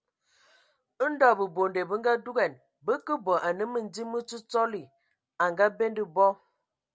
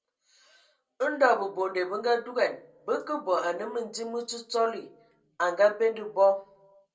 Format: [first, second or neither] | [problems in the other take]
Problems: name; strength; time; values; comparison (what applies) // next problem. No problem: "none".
first | room echo; dies away in 0.2 s